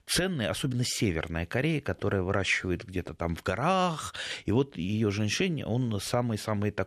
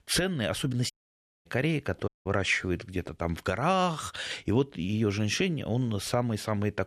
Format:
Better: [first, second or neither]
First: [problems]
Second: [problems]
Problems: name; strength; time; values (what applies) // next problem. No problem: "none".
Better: first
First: none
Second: audio cutting out; at 1 s for 0.5 s and at 2 s